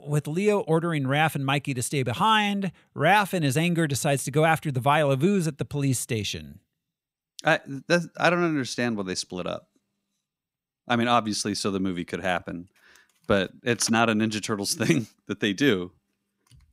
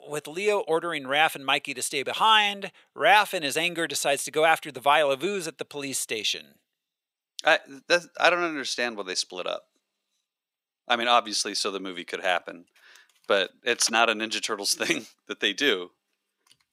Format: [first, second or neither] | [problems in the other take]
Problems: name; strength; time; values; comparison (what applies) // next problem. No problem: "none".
first | thin; somewhat; fading below 500 Hz